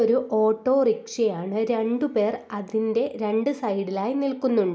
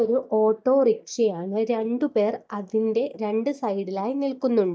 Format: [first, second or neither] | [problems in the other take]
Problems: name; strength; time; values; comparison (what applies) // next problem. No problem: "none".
first | noise reduction (neural mask model DeepFilterNet 3)